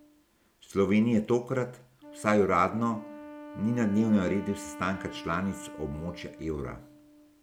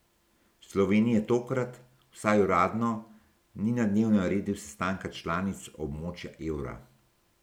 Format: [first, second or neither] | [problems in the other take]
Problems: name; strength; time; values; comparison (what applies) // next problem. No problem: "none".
second | background sound (Wind instrument, woodwind instrument); 16 dB below the speech